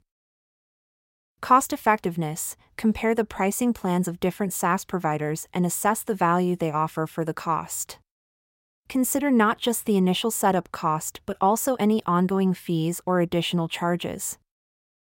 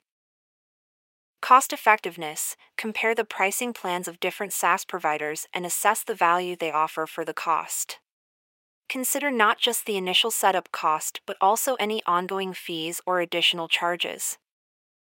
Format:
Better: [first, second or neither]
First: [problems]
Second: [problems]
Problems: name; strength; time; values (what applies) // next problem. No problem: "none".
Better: first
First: none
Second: thin; somewhat; fading below 450 Hz